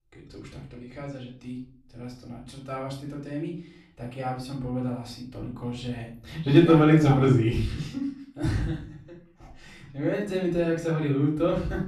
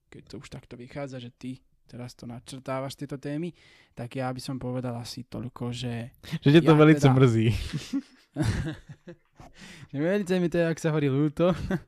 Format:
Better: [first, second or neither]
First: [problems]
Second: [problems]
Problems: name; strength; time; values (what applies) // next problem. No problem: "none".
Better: second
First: room echo; noticeable; dies away in 0.4 s // off-mic speech; far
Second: none